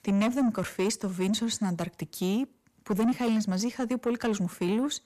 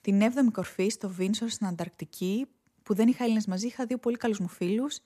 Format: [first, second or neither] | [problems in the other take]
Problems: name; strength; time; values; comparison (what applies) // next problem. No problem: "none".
second | distortion; slight; 10 dB below the speech